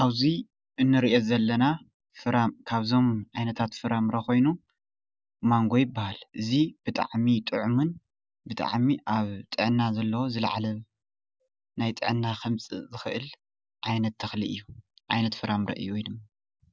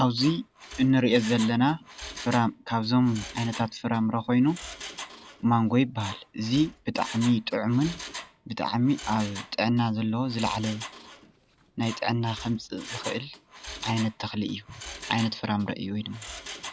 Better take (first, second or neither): first